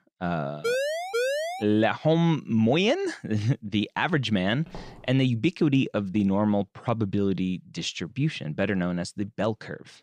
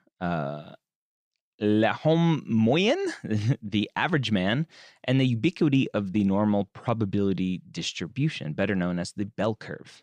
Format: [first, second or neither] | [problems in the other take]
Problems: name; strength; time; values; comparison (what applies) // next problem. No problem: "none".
second | siren; noticeable; at 0.5 s; peak 1 dB below the speech // footsteps; faint; at 4.5 s; peak 20 dB below the speech